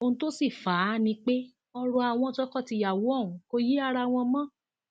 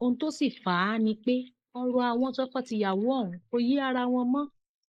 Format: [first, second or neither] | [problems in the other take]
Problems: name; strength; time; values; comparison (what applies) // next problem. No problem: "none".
first | noise reduction (neural mask model Resemble Enhance denoiser)